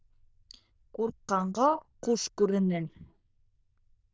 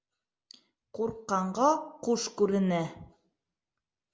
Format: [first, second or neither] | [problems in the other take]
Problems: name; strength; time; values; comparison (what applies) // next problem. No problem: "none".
second | noise reduction (neural diffusion model UNIVERSE++)